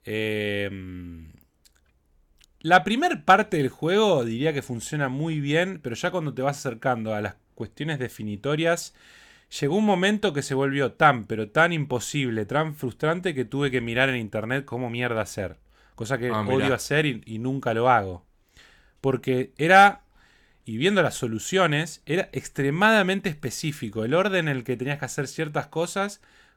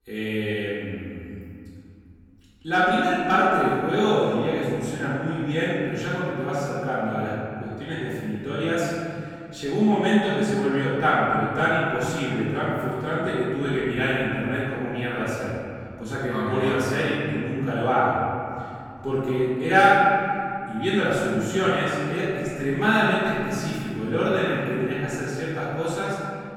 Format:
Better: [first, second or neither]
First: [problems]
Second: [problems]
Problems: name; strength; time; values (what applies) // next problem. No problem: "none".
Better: first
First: none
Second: room echo; strong; dies away in 2.5 s // off-mic speech; far